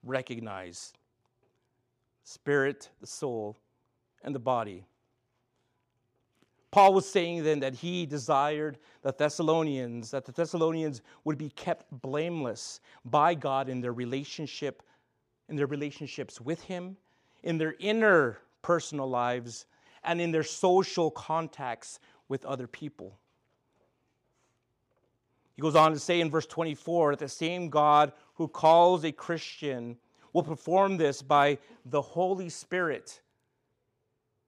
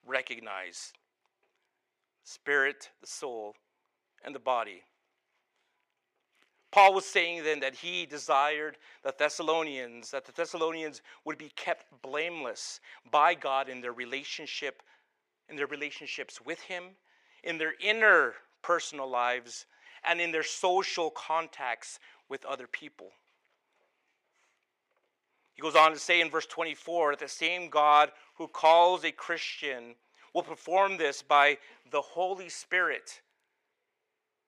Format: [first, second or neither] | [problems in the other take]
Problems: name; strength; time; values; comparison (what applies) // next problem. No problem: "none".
first | thin; very; fading below 500 Hz